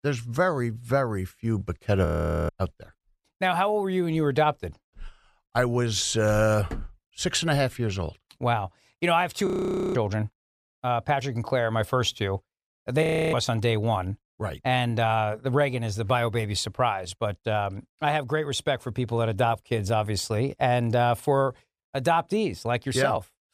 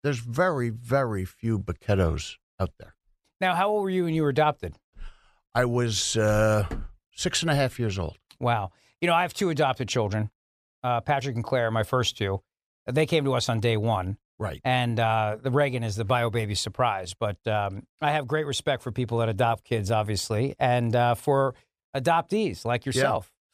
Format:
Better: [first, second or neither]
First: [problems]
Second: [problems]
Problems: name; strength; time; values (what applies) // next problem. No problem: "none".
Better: second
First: audio freezing; at 2 s, at 9.5 s and at 13 s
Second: none